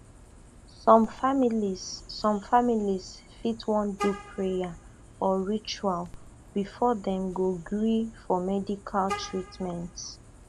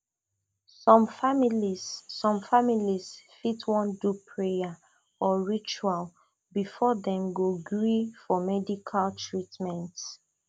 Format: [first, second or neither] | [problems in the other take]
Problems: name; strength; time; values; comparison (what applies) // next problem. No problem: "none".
second | background sound (Vehicle horn, car horn, honking); 16 dB below the speech